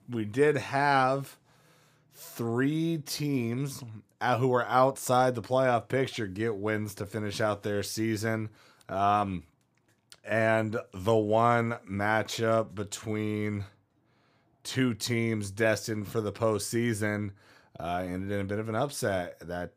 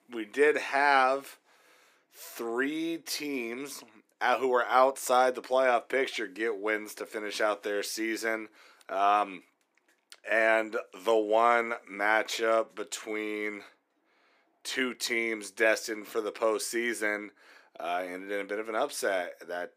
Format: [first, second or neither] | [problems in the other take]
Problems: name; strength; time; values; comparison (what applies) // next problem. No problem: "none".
first | thin; somewhat; fading below 300 Hz